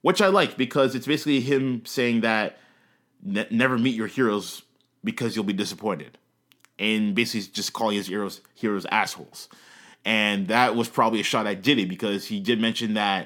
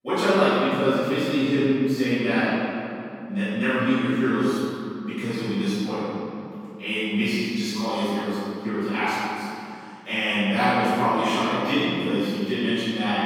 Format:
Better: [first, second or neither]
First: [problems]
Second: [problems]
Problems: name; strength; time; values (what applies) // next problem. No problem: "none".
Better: first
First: none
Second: off-mic speech; far // room echo; strong; dies away in 2.5 s